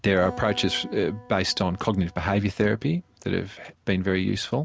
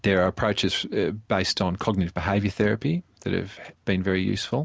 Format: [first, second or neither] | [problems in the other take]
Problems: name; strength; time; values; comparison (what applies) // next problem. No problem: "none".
second | background sound (Acoustic guitar); 19 dB below the speech